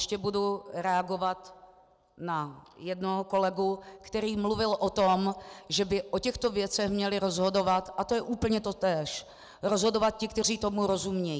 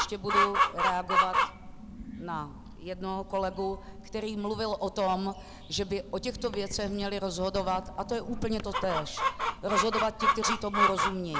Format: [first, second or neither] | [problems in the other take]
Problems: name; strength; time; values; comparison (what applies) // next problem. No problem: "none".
first | background sound (Chicken, rooster); 1 dB above the speech